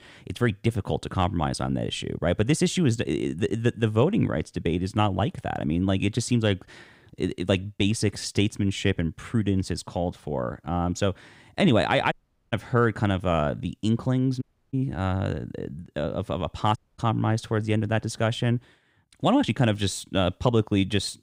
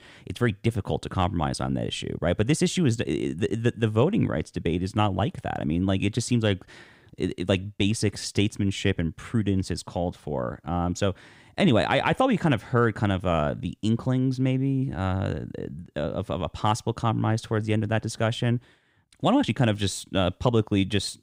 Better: second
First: audio cutting out; at 12 s, at 14 s and at 17 s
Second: none

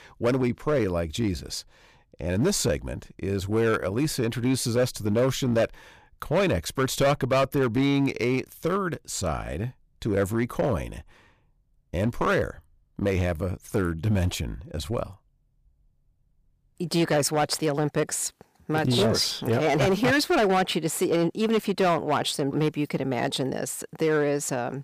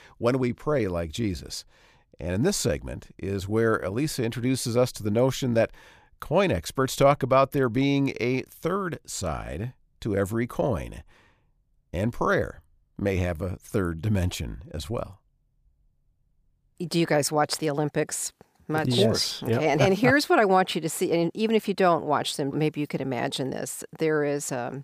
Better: second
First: distortion; slight; 6% of the sound clipped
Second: none

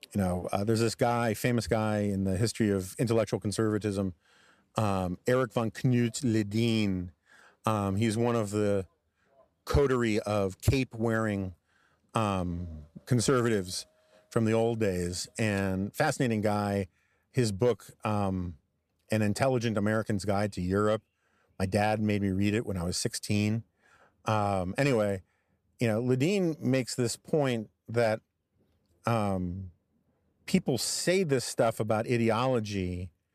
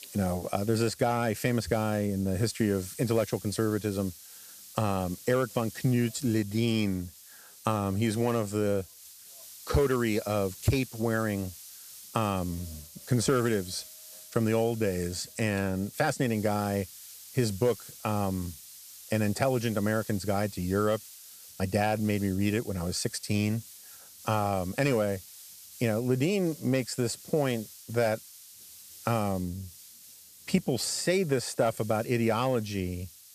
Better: first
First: none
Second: hiss; noticeable; throughout; 15 dB below the speech

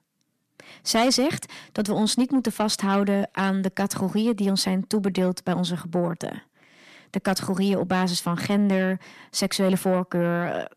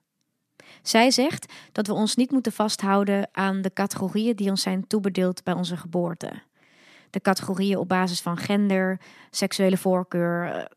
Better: second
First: distortion; slight; 10 dB below the speech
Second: none

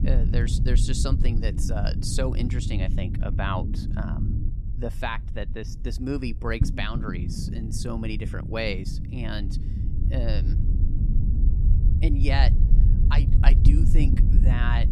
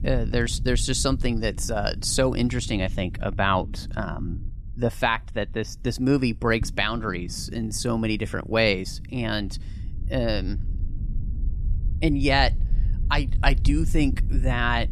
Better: second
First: low rumble; loud; throughout; 7 dB below the speech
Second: low rumble; faint; throughout; 20 dB below the speech

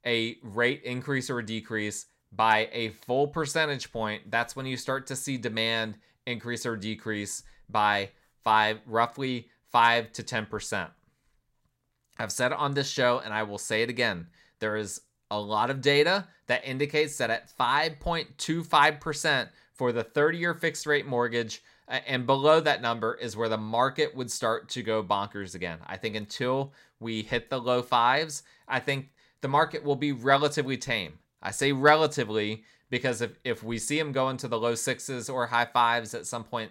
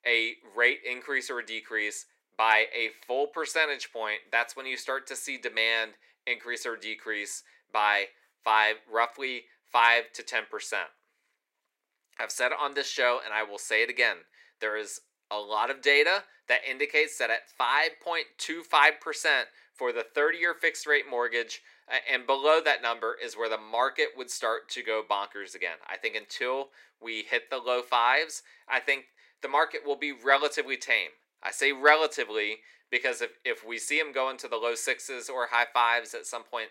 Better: first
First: none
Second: thin; very; fading below 350 Hz

